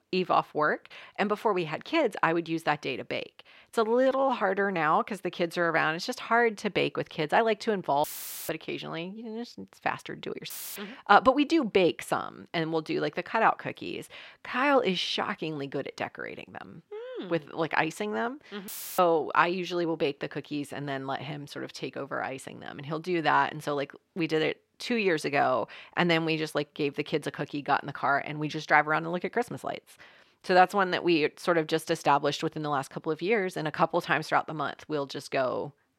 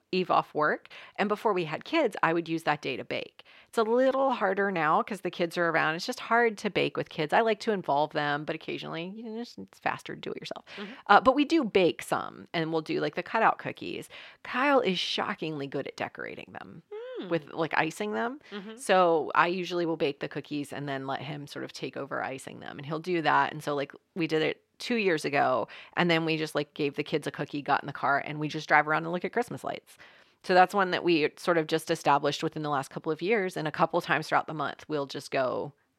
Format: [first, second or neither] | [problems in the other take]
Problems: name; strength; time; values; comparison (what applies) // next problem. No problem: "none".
second | audio cutting out; filled with static; at 8 s, at 11 s and at 19 s